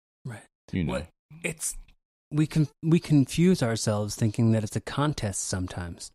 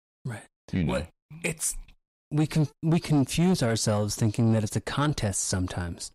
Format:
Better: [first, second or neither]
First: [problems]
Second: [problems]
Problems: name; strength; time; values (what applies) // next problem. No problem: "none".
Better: first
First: none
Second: distortion; slight; 10 dB below the speech